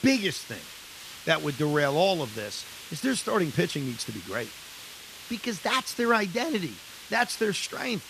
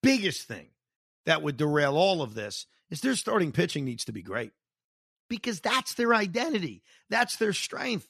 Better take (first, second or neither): second